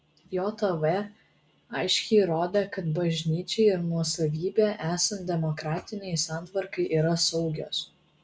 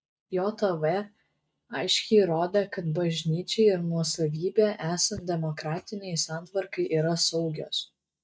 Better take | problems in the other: first | noise reduction (neural mask model DeepFilterNet 3)

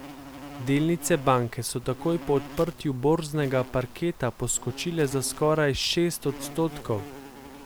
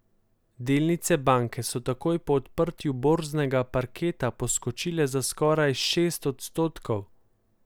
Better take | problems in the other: second | background sound (Insect); 16 dB below the speech

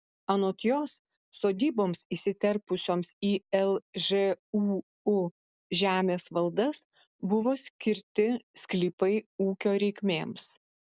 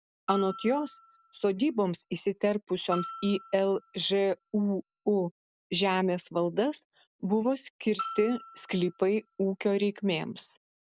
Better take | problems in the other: first | background sound (Bell); 14 dB below the speech

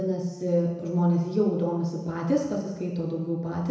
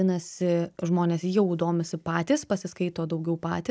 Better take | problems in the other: second | room echo; dies away in 1 s

